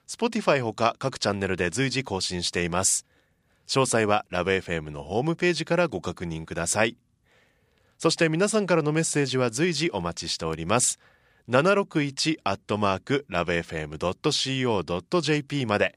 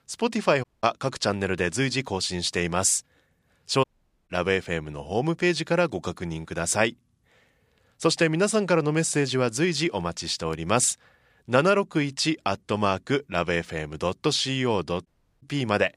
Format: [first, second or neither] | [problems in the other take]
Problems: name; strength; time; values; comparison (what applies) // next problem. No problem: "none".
first | audio cutting out; at 0.5 s, at 4 s and at 15 s